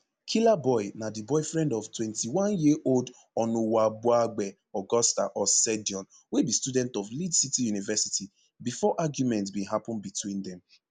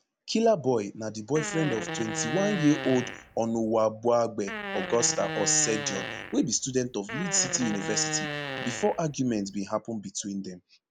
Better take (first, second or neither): first